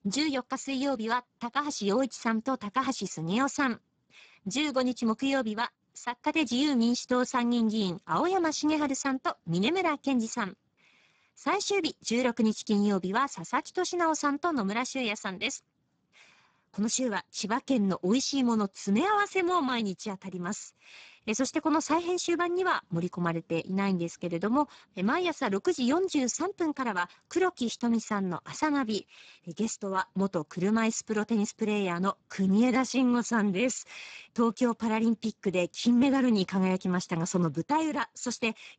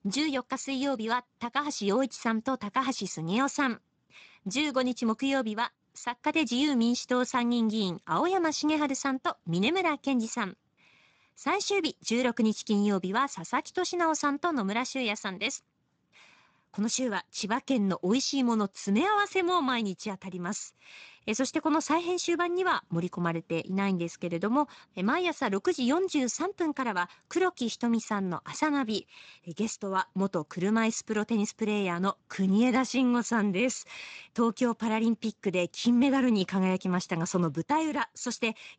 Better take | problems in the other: second | garbled, watery; badly; nothing above 7.5 kHz; slightly in the second

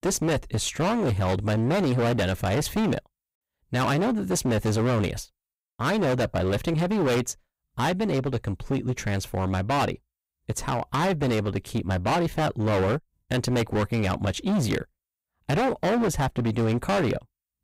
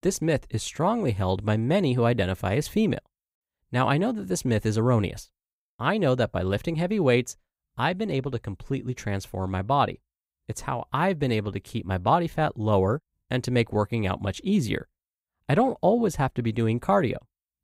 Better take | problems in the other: second | distortion; heavy; 22% of the sound clipped

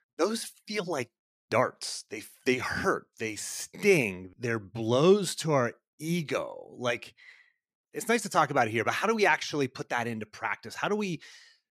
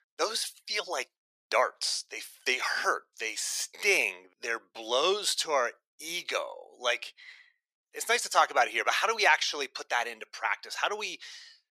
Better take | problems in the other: first | thin; very; fading below 550 Hz

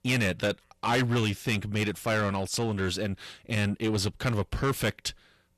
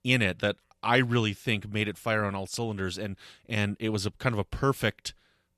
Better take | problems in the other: second | distortion; heavy; 7 dB below the speech

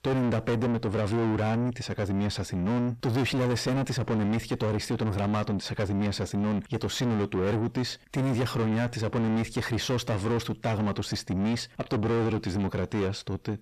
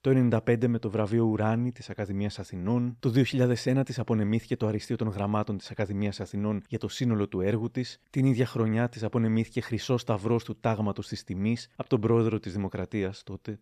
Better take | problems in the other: second | distortion; heavy; 5 dB below the speech

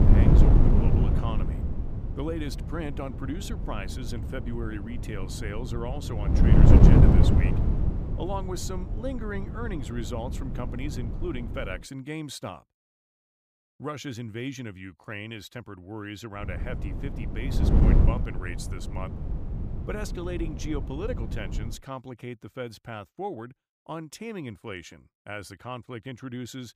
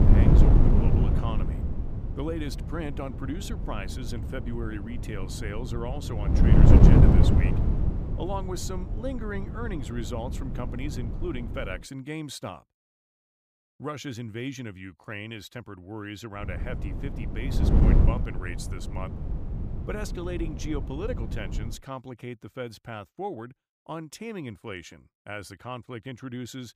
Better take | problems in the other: neither | wind noise on the microphone; heavy; until 12 s and from 16 to 22 s; 2 dB above the speech; the same in both

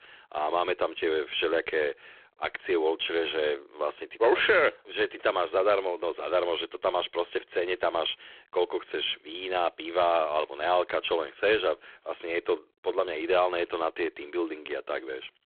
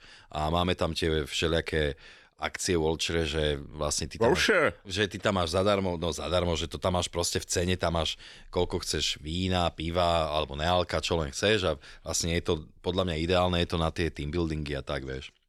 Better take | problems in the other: second | phone-call audio; poor line

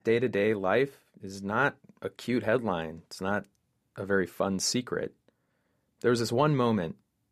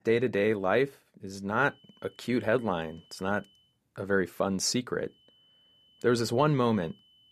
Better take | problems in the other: first | high-pitched whine; faint; from 1.5 to 3.5 s and from 5 s on; 3 kHz, 30 dB below the speech

